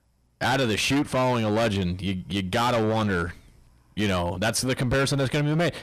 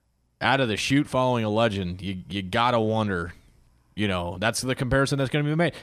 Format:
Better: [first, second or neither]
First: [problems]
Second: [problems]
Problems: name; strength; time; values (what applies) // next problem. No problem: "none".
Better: second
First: distortion; heavy; 16% of the sound clipped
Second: none